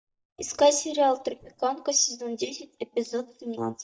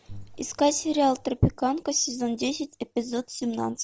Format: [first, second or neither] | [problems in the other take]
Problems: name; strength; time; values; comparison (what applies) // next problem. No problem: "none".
second | noise reduction (neural mask model DeepFilterNet 3)